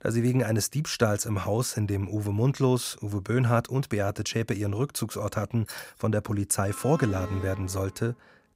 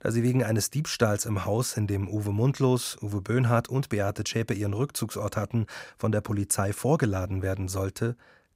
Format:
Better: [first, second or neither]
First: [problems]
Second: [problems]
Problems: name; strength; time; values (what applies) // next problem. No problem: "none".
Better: second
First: jangling keys; faint; at 5.5 s; peak 15 dB below the speech // alarm; faint; from 6.5 to 8 s; peak 10 dB below the speech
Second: none